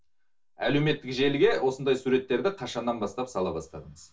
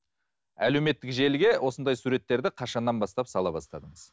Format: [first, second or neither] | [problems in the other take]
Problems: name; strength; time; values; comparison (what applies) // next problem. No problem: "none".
second | room echo; dies away in 0.2 s